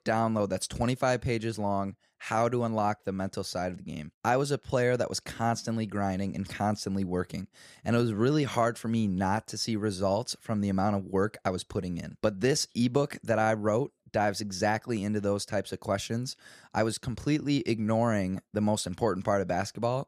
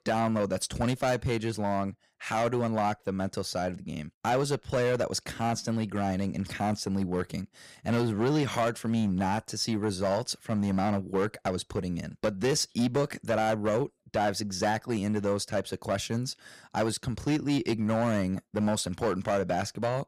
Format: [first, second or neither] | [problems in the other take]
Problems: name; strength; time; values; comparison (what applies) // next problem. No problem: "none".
first | distortion; slight; 7% of the sound clipped